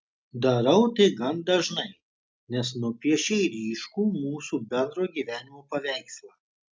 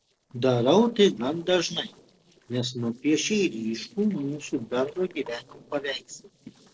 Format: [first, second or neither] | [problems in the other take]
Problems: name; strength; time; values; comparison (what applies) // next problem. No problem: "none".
first | noise reduction (neural separator model SepFormer DNS4)